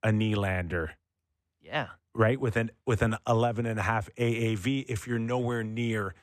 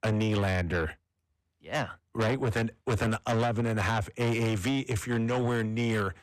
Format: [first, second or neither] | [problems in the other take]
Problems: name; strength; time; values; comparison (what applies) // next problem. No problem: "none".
first | distortion; heavy; 8 dB below the speech